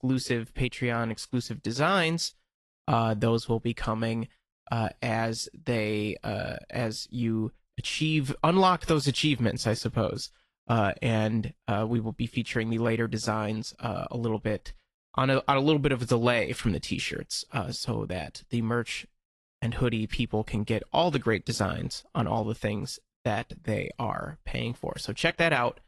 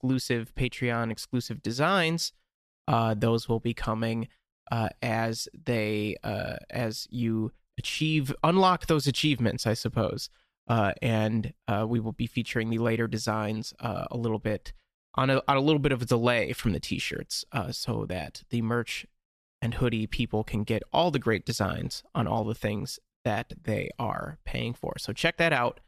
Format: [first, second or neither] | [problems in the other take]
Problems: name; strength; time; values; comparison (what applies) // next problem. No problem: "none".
second | garbled, watery; slightly; nothing above 11.5 kHz